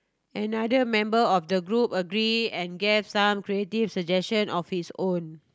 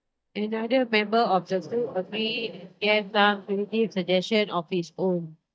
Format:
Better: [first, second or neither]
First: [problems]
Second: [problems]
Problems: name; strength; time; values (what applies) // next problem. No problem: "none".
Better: first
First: none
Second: noise reduction (neural mask model DeepFilterNet 3)